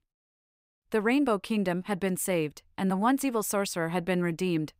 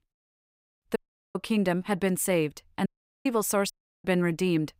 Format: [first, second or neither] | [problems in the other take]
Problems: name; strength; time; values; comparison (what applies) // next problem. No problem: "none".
first | audio cutting out; at 1 s, at 3 s and at 3.5 s